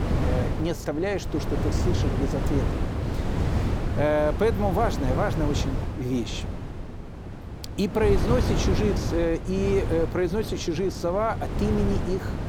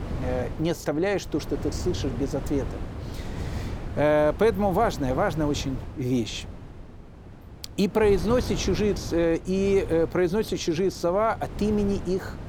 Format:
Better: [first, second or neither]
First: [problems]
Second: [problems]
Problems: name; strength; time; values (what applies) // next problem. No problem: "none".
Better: second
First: wind noise on the microphone; heavy; 7 dB below the speech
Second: wind noise on the microphone; occasional gusts; 15 dB below the speech